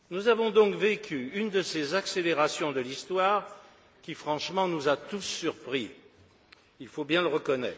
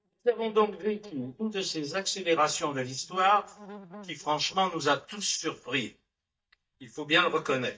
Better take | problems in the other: first | noise reduction (neural mask model DeepFilterNet 3)

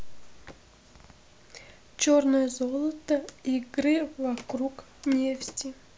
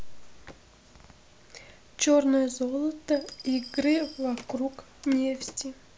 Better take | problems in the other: first | background sound (Glass); 19 dB below the speech

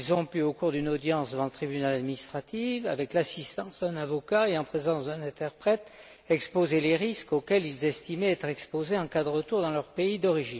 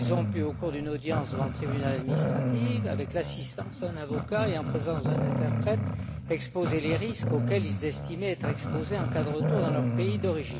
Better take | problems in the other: first | background sound (Growling); 3 dB above the speech

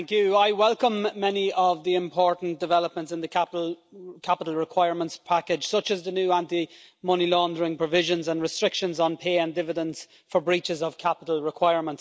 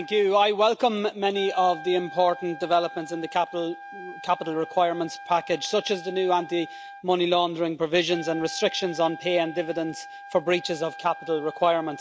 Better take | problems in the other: first | background sound (Trumpet); 16 dB below the speech

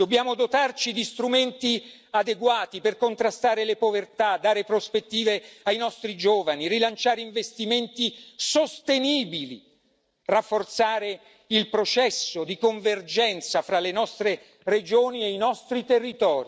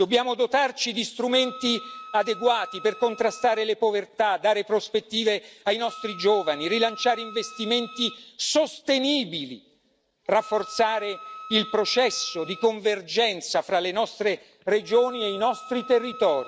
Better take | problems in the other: first | background sound (Wind instrument, woodwind instrument); 18 dB below the speech

